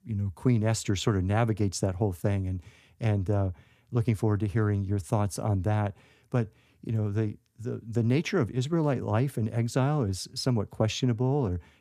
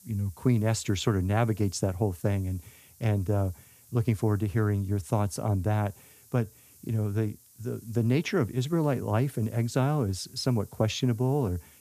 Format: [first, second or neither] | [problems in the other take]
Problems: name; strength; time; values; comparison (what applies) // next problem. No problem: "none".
first | hiss; faint; throughout; 25 dB below the speech